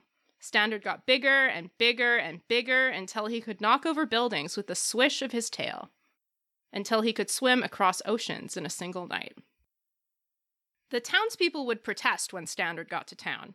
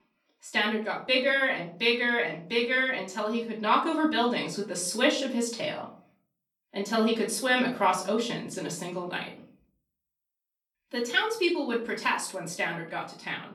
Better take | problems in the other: first | room echo; slight; dies away in 0.4 s // off-mic speech; far

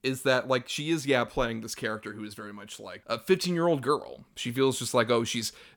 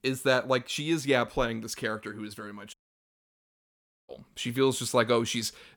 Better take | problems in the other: first | audio cutting out; at 2.5 s for 1.5 s

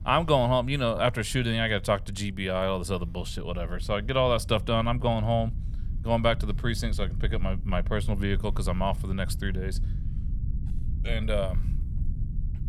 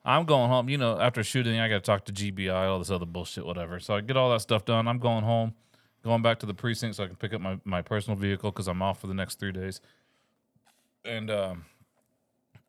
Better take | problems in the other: second | low rumble; faint; throughout; 20 dB below the speech

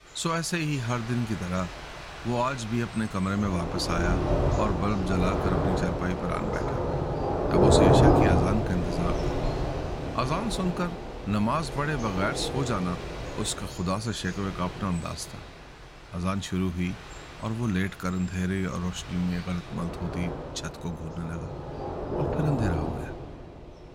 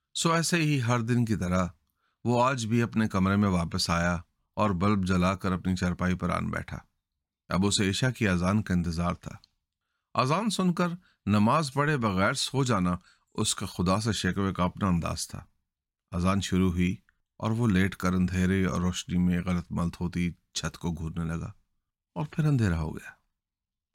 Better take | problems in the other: second | rain or running water; very loud; throughout; 1 dB above the speech

